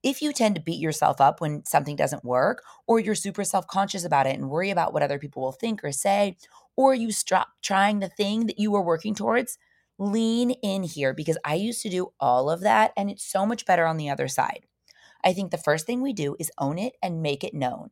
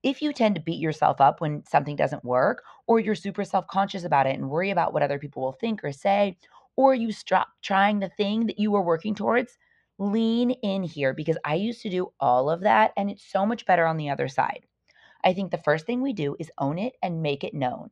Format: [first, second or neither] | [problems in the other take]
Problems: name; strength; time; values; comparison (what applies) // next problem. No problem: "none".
first | muffled; slightly; fading above 3.5 kHz